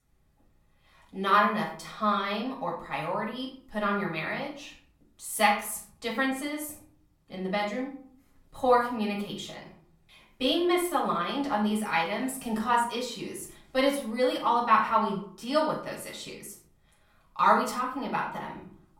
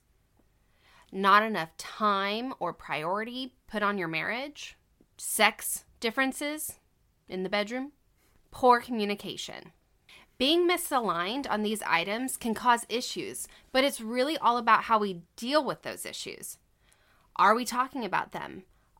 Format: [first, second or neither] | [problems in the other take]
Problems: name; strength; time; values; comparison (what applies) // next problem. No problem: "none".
second | off-mic speech; far // room echo; slight; dies away in 0.5 s